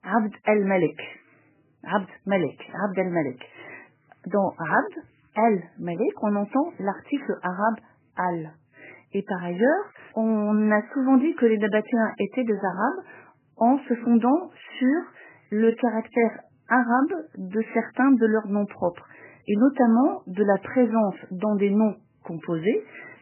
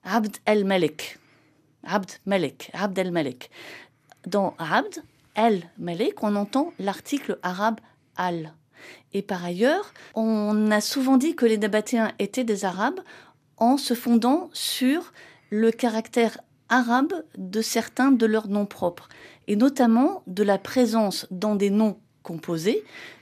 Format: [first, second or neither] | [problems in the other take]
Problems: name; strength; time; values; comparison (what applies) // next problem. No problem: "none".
second | garbled, watery; badly; nothing above 3 kHz